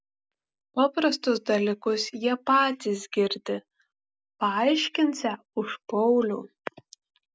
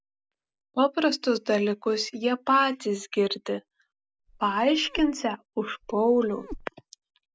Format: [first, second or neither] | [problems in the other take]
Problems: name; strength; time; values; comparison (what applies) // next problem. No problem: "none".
first | background sound (Meow); 16 dB below the speech